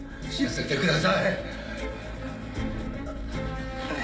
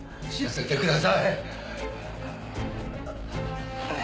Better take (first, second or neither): second